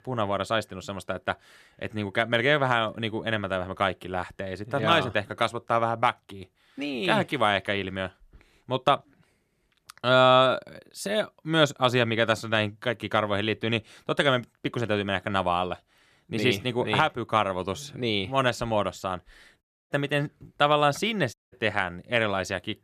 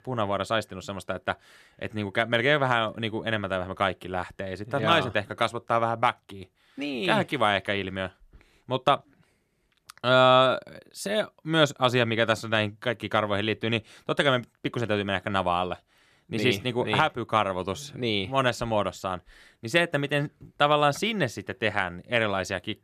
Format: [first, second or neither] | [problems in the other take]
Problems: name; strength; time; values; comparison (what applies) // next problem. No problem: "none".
second | audio cutting out; at 20 s and at 21 s